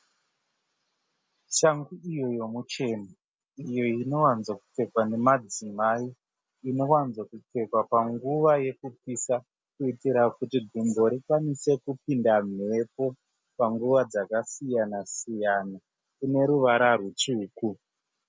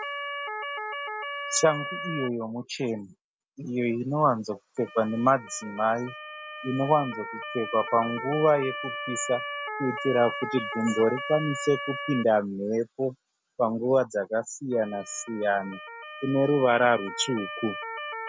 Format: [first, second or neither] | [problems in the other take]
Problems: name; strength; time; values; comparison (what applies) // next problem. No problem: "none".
first | background sound (Motor vehicle (road) / Siren); 10 dB below the speech